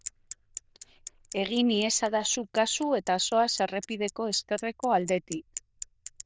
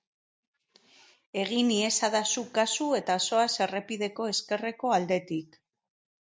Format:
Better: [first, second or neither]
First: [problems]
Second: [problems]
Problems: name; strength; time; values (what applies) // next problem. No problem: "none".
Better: second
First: noise reduction (neural diffusion model UNIVERSE++)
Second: none